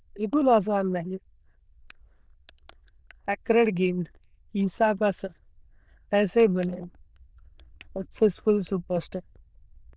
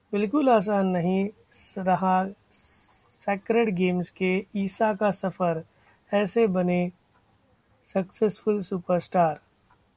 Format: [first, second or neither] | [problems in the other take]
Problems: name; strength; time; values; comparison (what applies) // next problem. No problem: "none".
second | noise reduction (neural diffusion model UNIVERSE++)